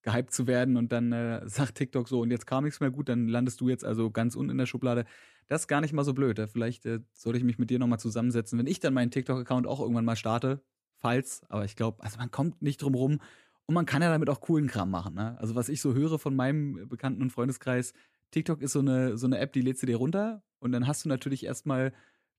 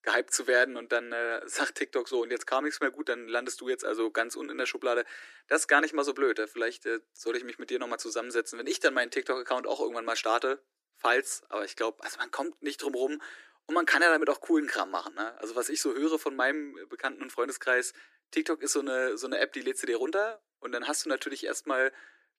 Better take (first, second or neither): first